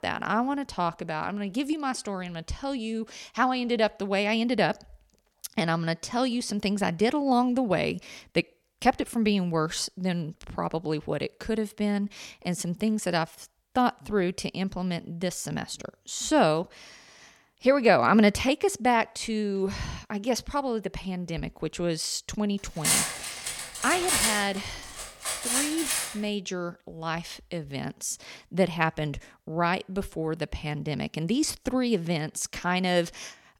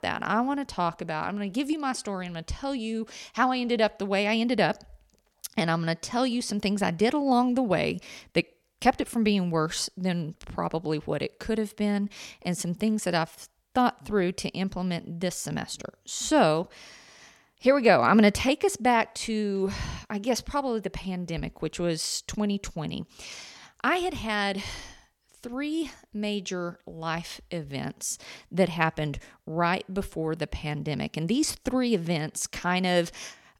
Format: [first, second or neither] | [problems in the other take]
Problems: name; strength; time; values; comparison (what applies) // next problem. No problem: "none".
second | clattering dishes; loud; from 23 to 26 s; peak 5 dB above the speech